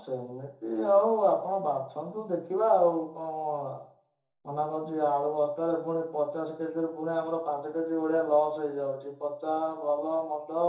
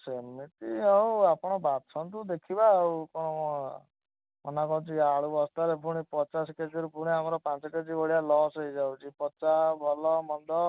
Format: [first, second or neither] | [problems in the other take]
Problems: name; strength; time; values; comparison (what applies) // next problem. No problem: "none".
second | room echo; dies away in 0.7 s